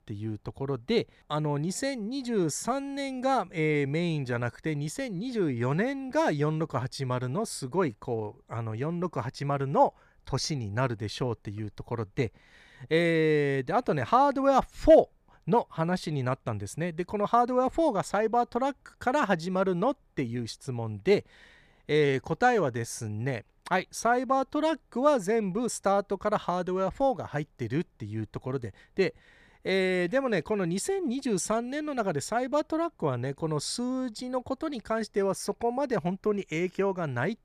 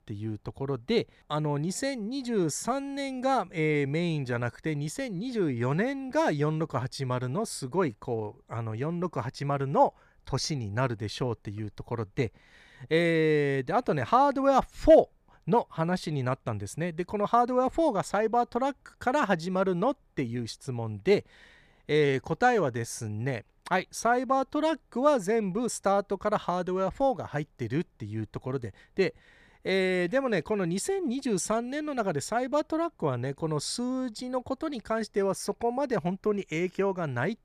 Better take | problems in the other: neither | none

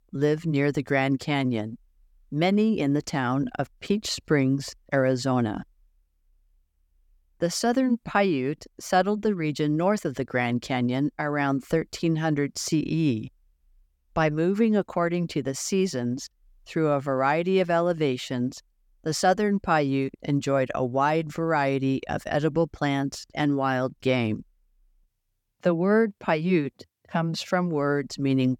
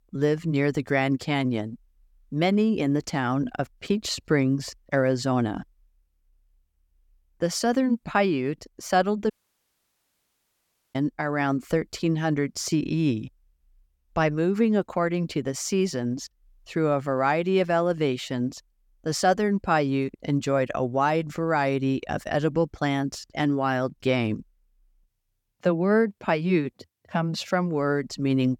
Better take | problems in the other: first | audio cutting out; at 9.5 s for 1.5 s

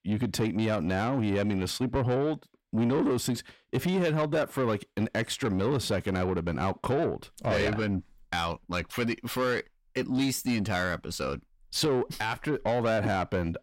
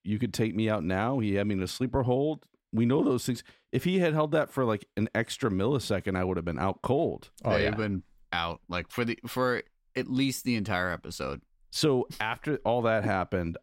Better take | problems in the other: second | distortion; slight; 10 dB below the speech

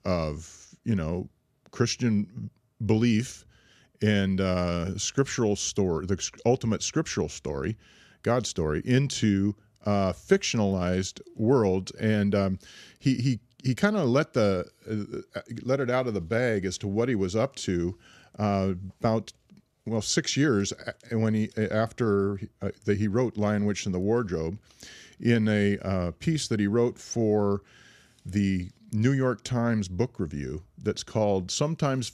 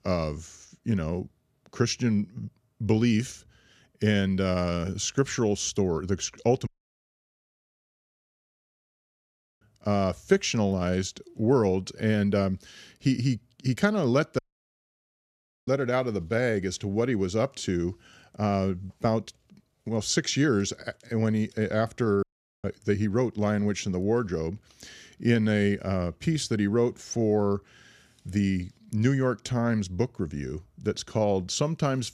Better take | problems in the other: first | audio cutting out; at 6.5 s for 3 s, at 14 s for 1.5 s and at 22 s

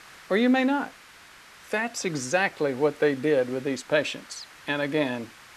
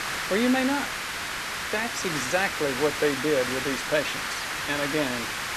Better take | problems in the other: first | hiss; loud; throughout; 2 dB below the speech; faint in the first

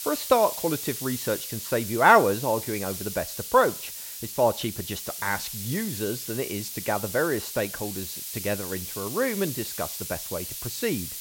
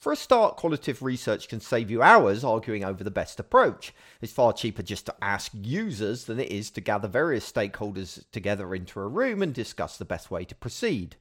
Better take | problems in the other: second | hiss; loud; throughout; 7 dB below the speech

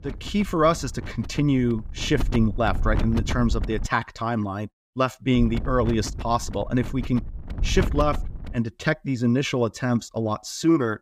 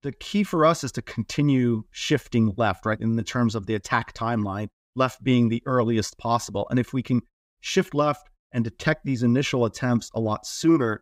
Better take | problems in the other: second | wind noise on the microphone; occasional gusts; until 4 s and from 5.5 to 8.5 s; 15 dB below the speech

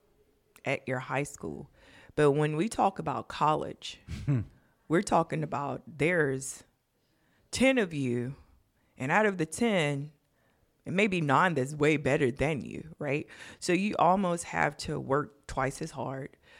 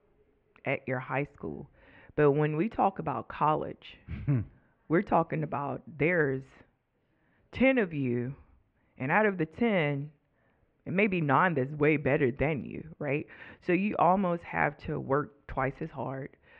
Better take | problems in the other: first | muffled; very; fading above 2.5 kHz

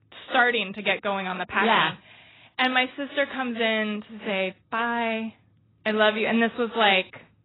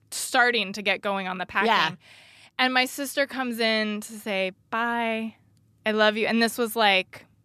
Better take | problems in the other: second | garbled, watery; badly; nothing above 4 kHz

